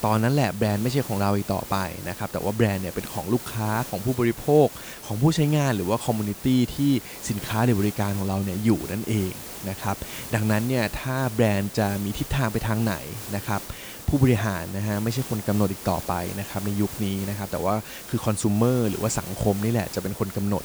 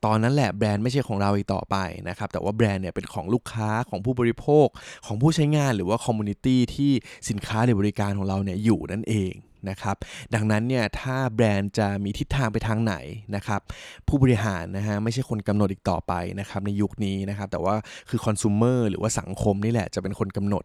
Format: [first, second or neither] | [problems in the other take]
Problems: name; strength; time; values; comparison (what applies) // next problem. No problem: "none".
second | hiss; noticeable; throughout; 10 dB below the speech